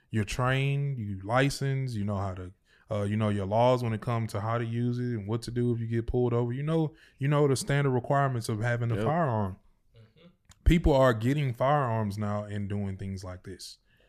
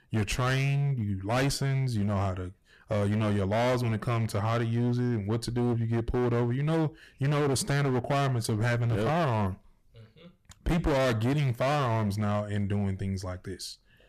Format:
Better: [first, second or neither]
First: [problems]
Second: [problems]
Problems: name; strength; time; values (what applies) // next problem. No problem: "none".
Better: first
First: none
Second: distortion; heavy; 21% of the sound clipped